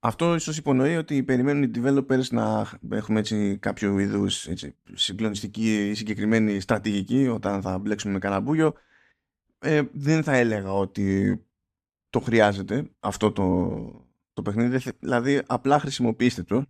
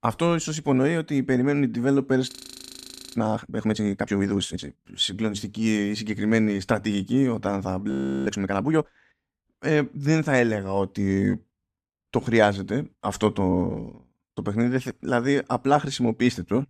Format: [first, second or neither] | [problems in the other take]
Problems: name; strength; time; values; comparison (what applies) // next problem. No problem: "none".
first | audio freezing; at 2.5 s for 1 s and at 8 s